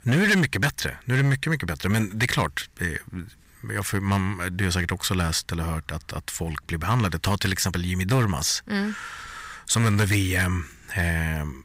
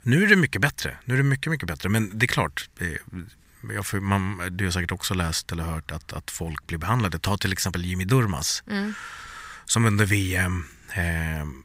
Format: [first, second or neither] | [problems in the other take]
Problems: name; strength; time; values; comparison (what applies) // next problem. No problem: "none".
second | distortion; slight; 5% of the sound clipped